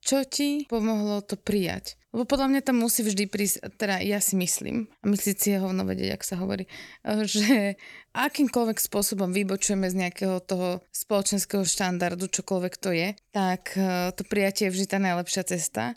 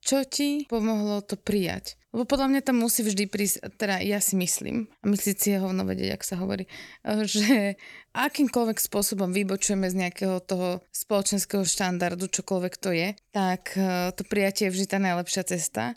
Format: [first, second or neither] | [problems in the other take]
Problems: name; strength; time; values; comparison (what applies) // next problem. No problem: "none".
neither | none